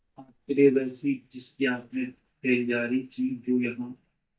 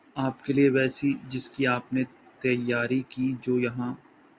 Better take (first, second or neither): second